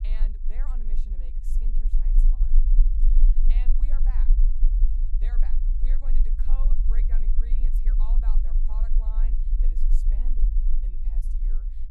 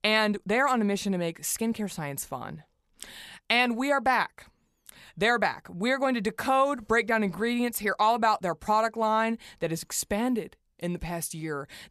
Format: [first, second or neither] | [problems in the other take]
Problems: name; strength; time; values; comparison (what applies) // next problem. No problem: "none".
second | low rumble; loud; throughout; 1 dB below the speech